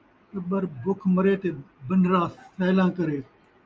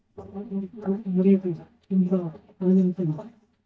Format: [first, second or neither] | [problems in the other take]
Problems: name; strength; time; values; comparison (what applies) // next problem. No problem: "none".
first | noise reduction (neural mask model DeepFilterNet 3)